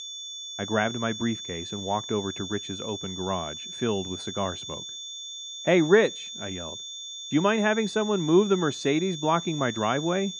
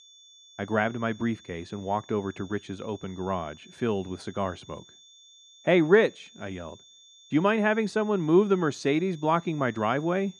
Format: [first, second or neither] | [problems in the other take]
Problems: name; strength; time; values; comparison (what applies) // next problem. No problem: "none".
second | high-pitched whine; loud; throughout; 3.5 kHz, 9 dB below the speech; faint in the second